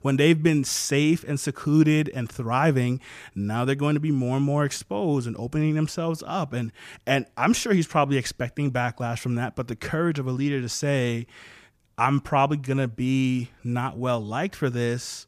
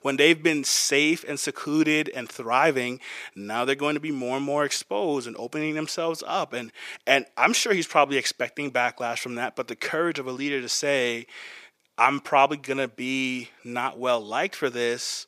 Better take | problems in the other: first | thin; somewhat; fading below 450 Hz

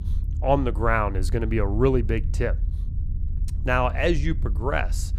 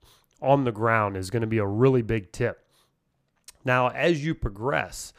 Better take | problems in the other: second | low rumble; faint; throughout; 20 dB below the speech

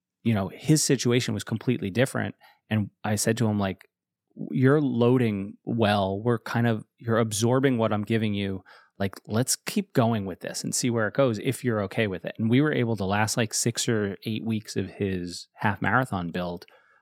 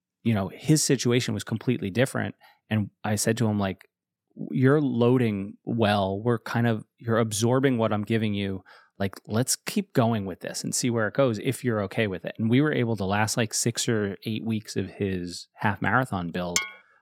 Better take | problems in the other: first | clattering dishes; noticeable; at 16 s; peak 2 dB below the speech

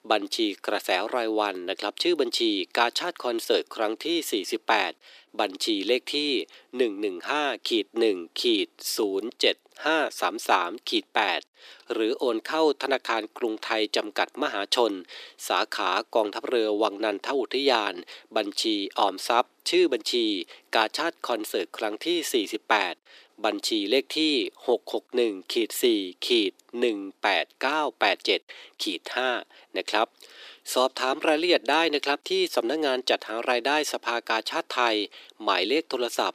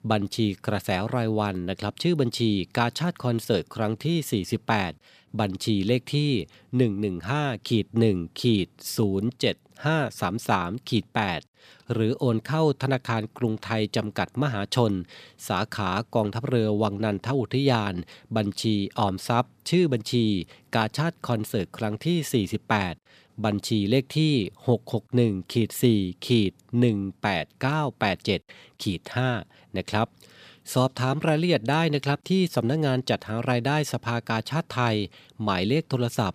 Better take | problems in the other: second | thin; very; fading below 300 Hz

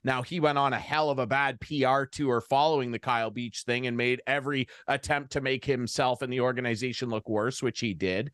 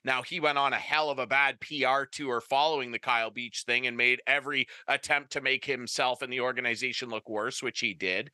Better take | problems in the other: first | thin; somewhat; fading below 700 Hz

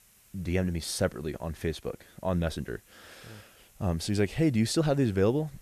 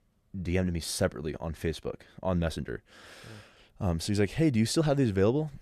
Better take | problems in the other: second | hiss; faint; throughout; 30 dB below the speech

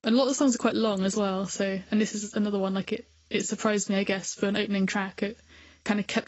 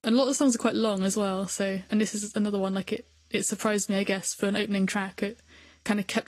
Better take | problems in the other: second | garbled, watery; badly; nothing above 7.5 kHz; slightly in the second

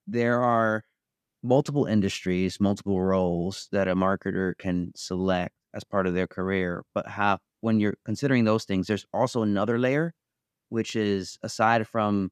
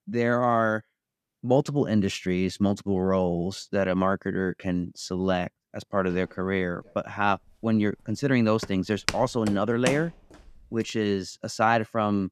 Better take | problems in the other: first | footsteps; noticeable; from 8.5 to 10 s; peak 4 dB below the speech

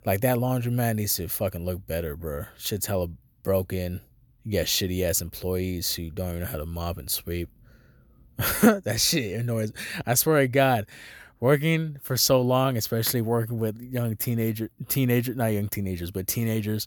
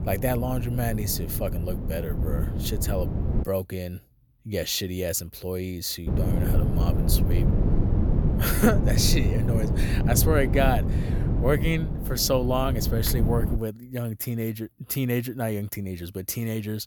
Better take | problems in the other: first | wind noise on the microphone; heavy; until 3.5 s and from 6 to 14 s; 7 dB below the speech

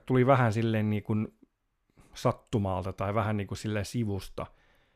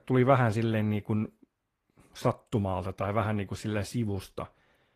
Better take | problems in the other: first | garbled, watery; slightly; nothing above 14.5 kHz

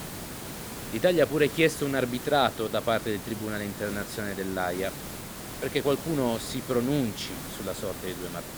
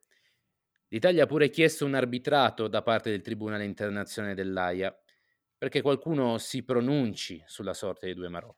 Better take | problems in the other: second | hiss; loud; throughout; 9 dB below the speech

